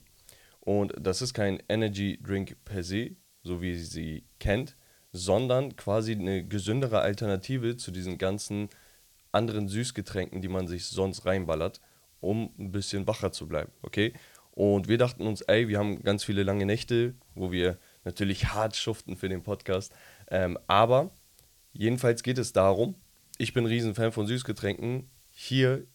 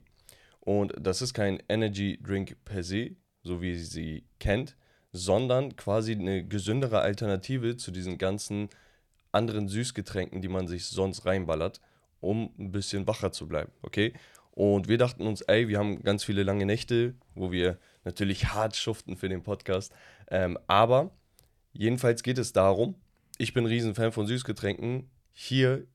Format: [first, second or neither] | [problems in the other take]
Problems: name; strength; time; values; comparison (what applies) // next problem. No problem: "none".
second | hiss; faint; throughout; 30 dB below the speech